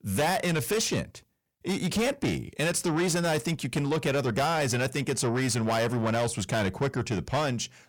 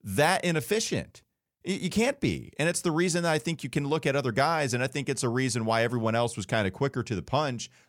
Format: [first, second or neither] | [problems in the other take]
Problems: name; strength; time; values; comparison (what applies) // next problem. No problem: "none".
second | distortion; heavy; 8 dB below the speech